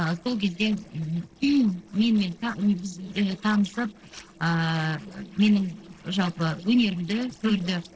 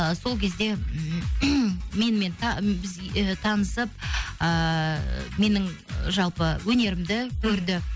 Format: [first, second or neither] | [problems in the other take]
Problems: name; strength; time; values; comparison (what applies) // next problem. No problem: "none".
second | noise reduction (neural separator model SepFormer DNS4)